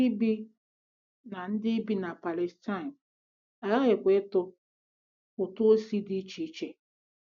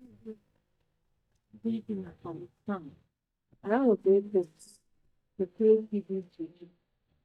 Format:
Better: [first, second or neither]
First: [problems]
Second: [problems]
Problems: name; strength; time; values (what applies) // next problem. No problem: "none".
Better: first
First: none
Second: noise reduction (neural mask model DeepFilterNet 3)